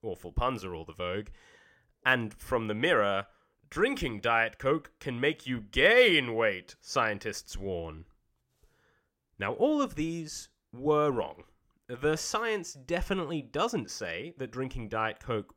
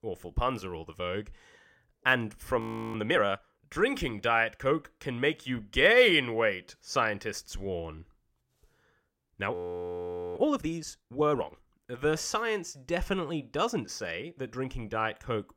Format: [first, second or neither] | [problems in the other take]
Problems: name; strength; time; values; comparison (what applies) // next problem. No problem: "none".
first | audio freezing; at 2.5 s and at 9.5 s for 1 s